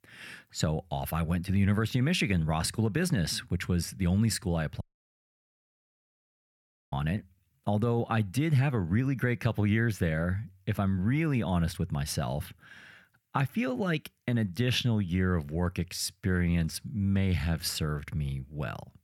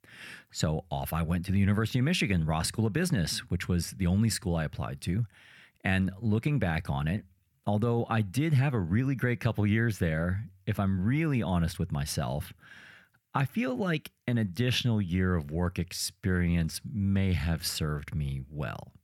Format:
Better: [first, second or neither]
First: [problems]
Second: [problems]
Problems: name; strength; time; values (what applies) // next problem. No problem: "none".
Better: second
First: audio cutting out; at 5 s for 2 s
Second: none